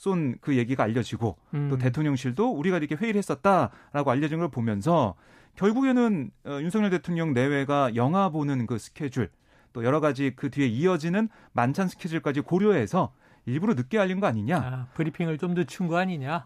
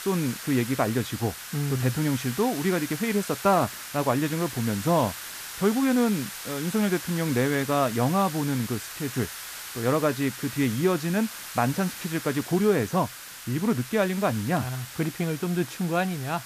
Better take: first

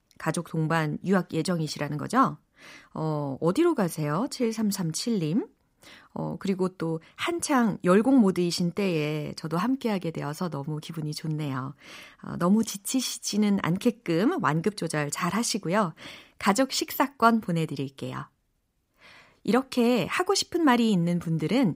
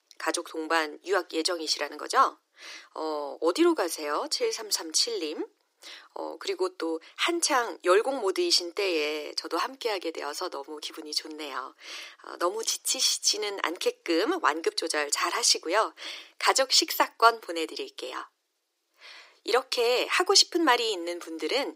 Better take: first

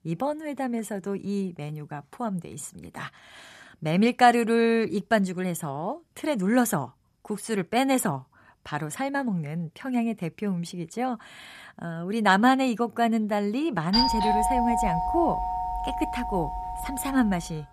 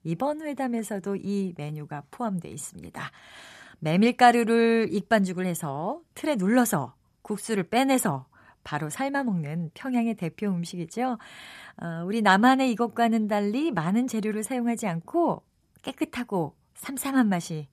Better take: second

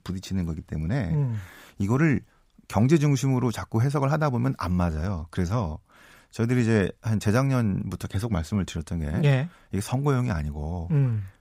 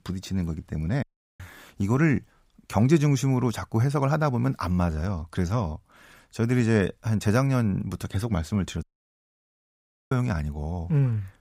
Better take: first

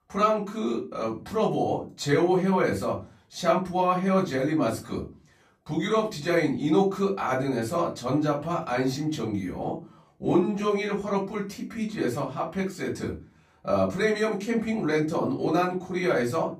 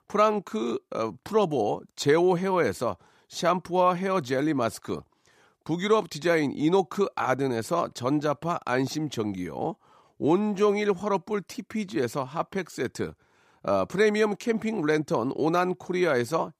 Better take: second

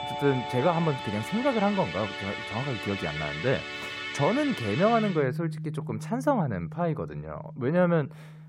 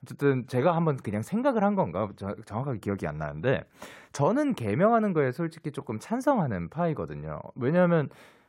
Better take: second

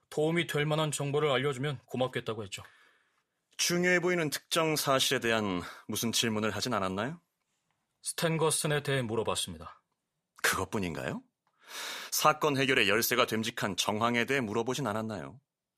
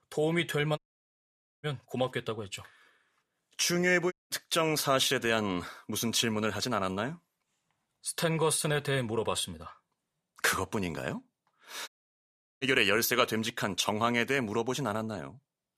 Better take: first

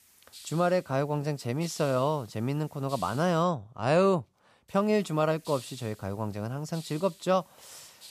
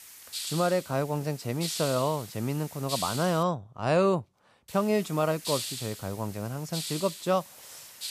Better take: first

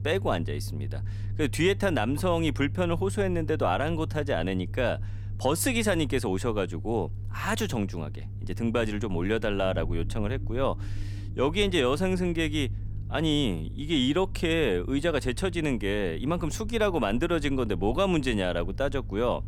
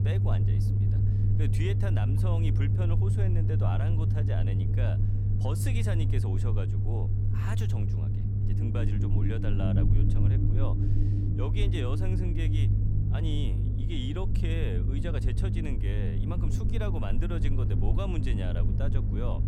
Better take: first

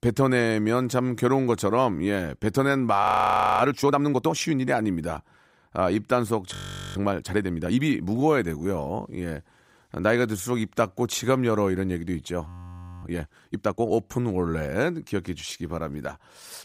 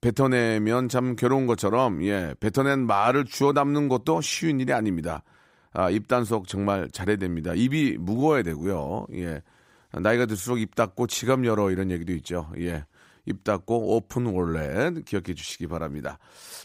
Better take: second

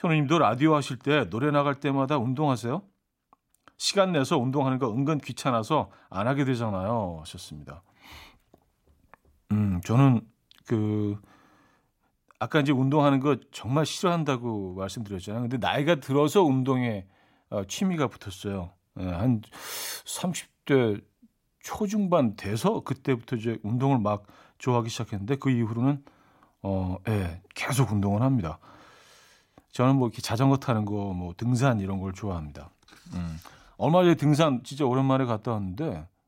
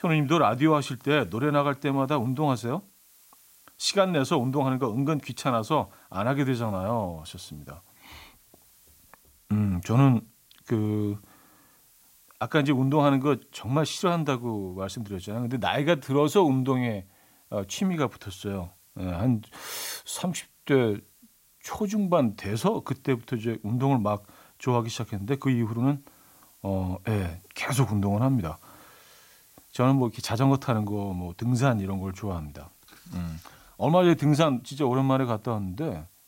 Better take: first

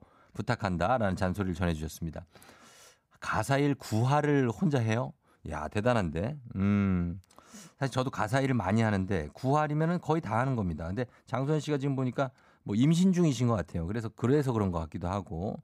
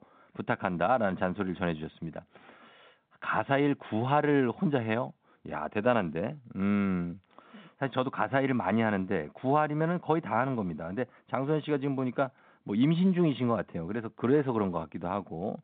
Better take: first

